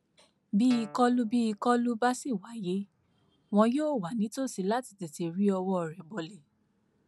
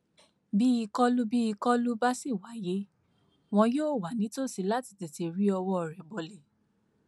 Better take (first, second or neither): second